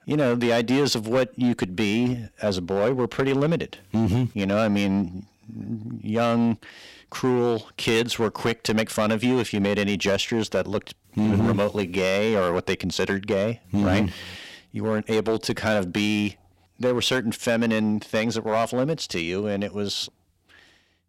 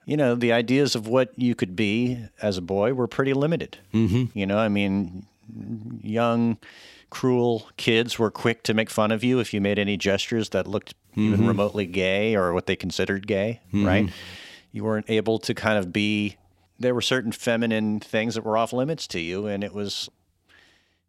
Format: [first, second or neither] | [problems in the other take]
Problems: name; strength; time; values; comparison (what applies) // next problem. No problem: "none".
second | distortion; slight; 7% of the sound clipped